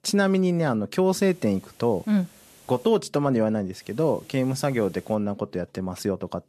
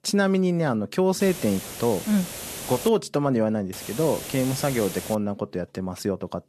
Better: first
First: hiss; faint; from 1 to 3 s and from 3.5 to 5 s; 25 dB below the speech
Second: hiss; loud; from 1 to 3 s and from 3.5 to 5 s; 10 dB below the speech

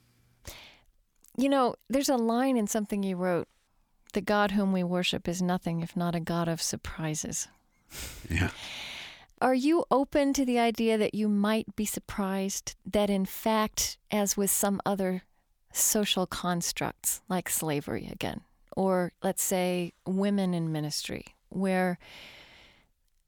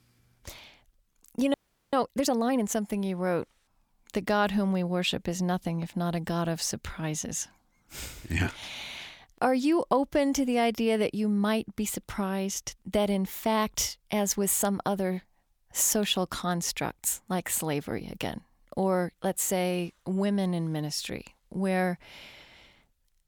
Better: first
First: none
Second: audio freezing; at 1.5 s

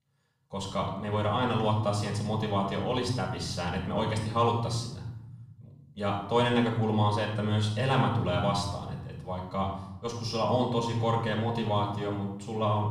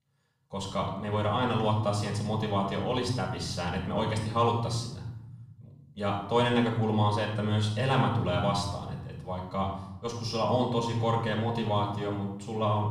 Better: neither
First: off-mic speech; far // room echo; noticeable; dies away in 1.1 s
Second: off-mic speech; far // room echo; noticeable; dies away in 1.1 s

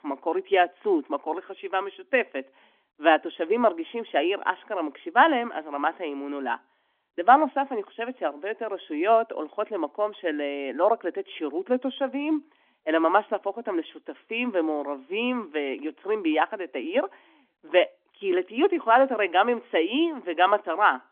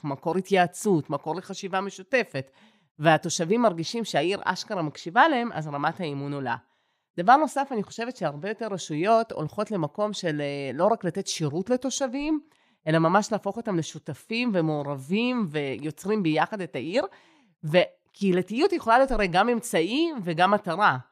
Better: second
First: phone-call audio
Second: none

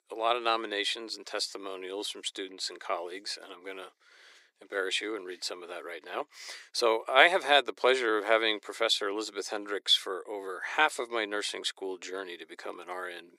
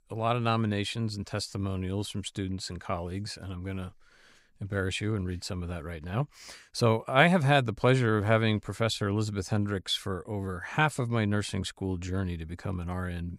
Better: second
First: thin; very; fading below 350 Hz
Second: none

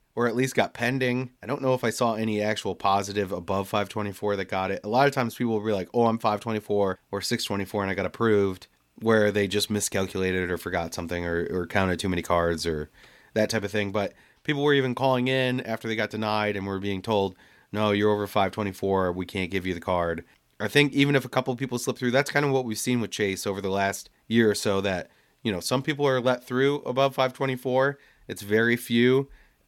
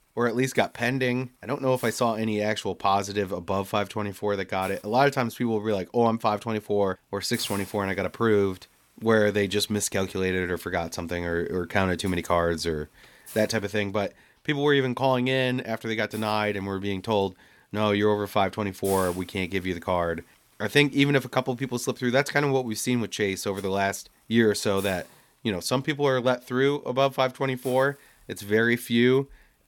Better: first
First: none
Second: hiss; noticeable; throughout; 20 dB below the speech

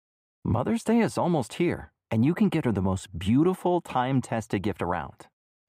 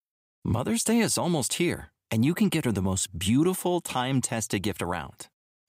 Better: second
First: muffled; very; fading above 3 kHz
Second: none

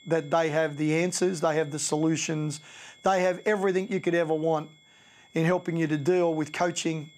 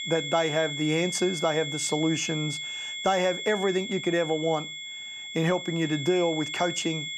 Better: first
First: high-pitched whine; faint; throughout; 3.5 kHz, 25 dB below the speech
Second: high-pitched whine; loud; throughout; 3.5 kHz, 6 dB below the speech

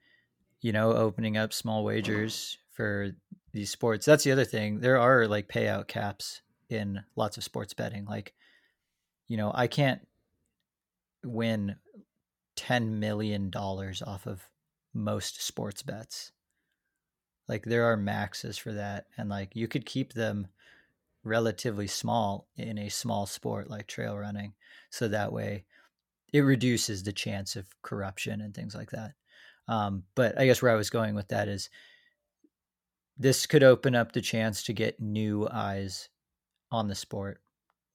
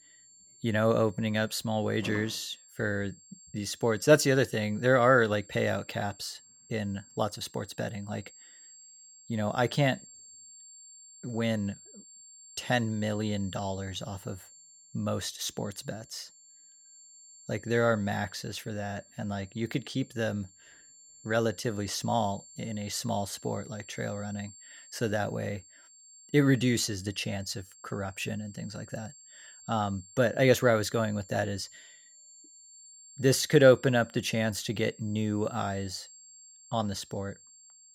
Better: first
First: none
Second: high-pitched whine; faint; throughout; 7.5 kHz, 20 dB below the speech

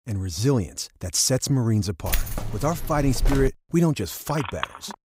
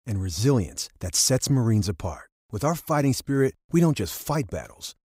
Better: second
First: jangling keys; noticeable; from 2 to 3.5 s; peak 3 dB below the speech // phone ringing; noticeable; at 4.5 s; peak 8 dB below the speech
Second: none

